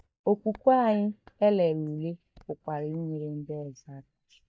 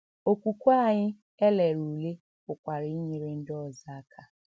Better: second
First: noise reduction (neural mask model DeepFilterNet 3)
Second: none

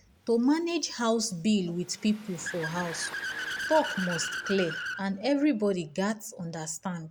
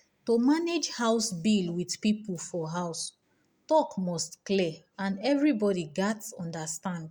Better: second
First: background sound (Accelerating, revving, vroom / Car); 10 dB below the speech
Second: none

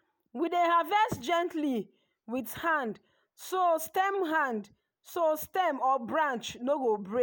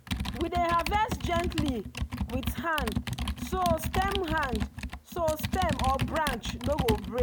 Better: first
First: none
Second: background sound (Computer keyboard); 1 dB below the speech

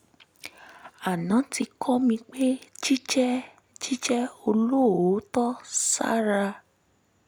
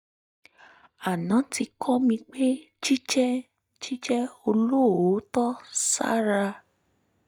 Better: first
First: none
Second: noise reduction (neural mask model DeepFilterNet 3)

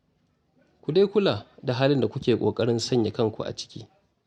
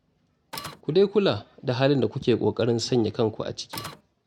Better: first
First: none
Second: background sound (Printer); 12 dB below the speech

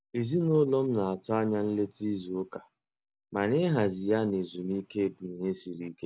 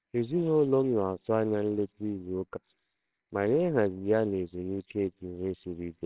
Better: first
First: none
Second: noise reduction (neural separator model SepFormer WHAMR!)

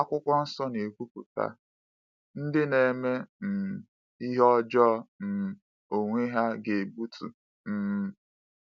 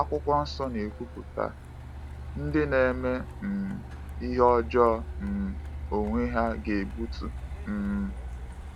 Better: first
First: none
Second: background sound (Truck); 8 dB below the speech

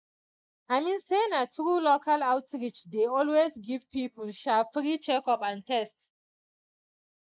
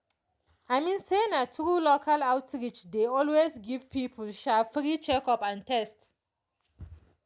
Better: second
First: noise reduction (neural mask model Resemble Enhance denoiser)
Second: none

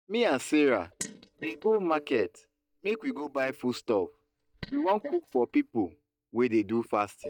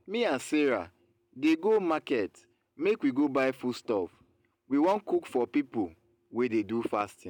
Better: second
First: noise reduction (neural mask model DeepFilterNet 3)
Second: none

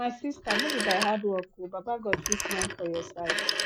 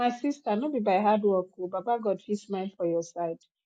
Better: second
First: background sound (Telephone); as loud as the speech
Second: none

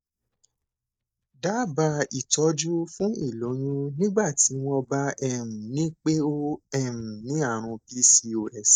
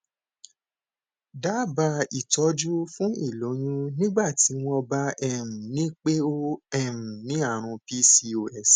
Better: second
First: noise reduction (neural mask model DeepFilterNet 3)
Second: none

